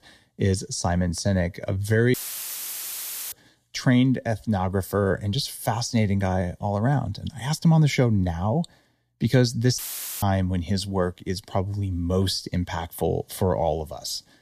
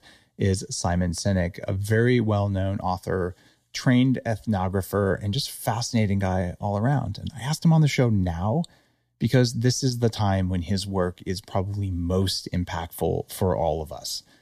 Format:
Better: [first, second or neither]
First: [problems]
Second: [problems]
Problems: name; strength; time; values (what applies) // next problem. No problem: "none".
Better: second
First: audio cutting out; filled with static; at 2 s for 1 s and at 10 s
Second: none